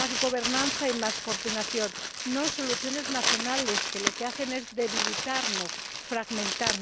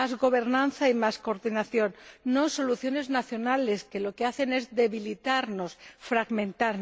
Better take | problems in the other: second | background sound (Crumpling, crinkling); 1 dB above the speech

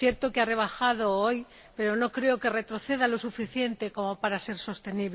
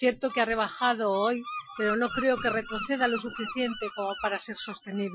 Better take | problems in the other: first | noise reduction (classical method Wiener filter)

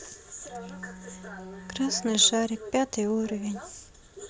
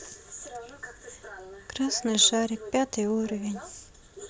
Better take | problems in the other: second | background sound (Bowed string instrument); 16 dB below the speech

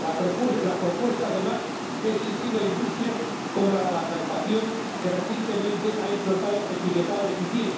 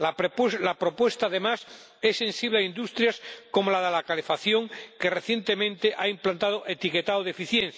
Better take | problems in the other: second | background sound (Water); 4 dB below the speech // room echo; dies away in 0.8 s

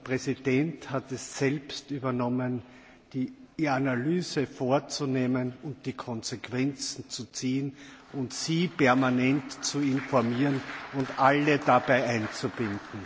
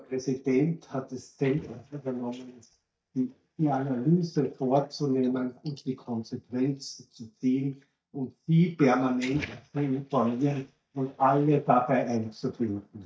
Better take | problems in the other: first | noise reduction (neural mask model DeepFilterNet 3)

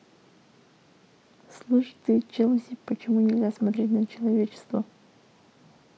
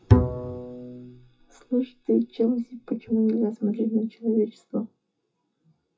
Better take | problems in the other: first | noise reduction (classical method WPE with log-MMSE)

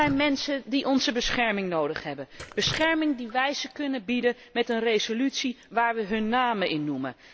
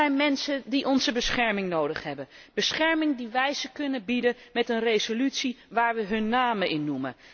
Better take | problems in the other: second | background sound (Drip); 20 dB below the speech

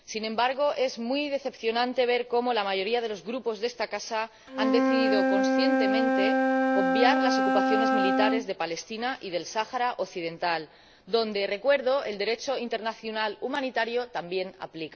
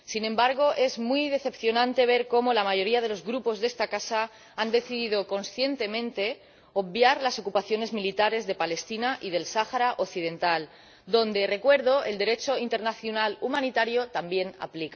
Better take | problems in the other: second | background sound (Wind instrument, woodwind instrument); 1 dB below the speech

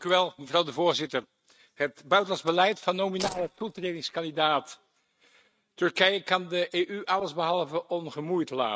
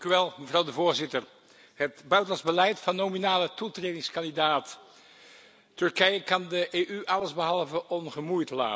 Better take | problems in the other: second | noise reduction (neural mask model RNNoise)

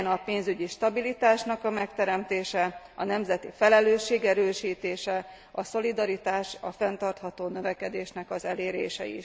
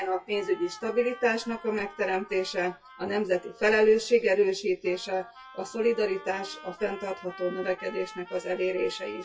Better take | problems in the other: first | noise reduction (classical method WPE with log-MMSE)

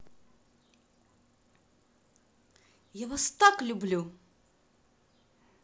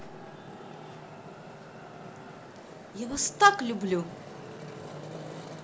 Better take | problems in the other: first | background sound (Traffic noise, roadway noise); 12 dB below the speech

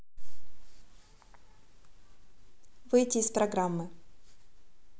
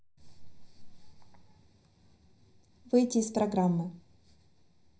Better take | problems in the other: first | room echo; dies away in 0.5 s

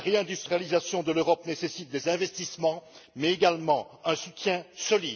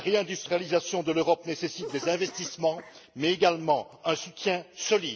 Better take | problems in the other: first | background sound (Cough); 19 dB below the speech

